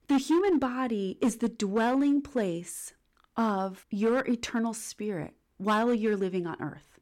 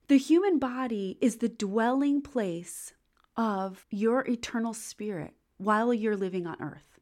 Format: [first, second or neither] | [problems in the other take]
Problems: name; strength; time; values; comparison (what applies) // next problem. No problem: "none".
second | distortion; slight; 5% of the sound clipped